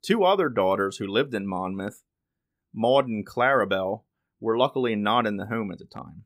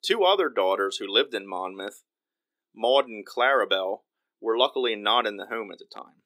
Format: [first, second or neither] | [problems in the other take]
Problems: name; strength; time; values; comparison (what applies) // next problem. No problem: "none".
first | thin; somewhat; fading below 350 Hz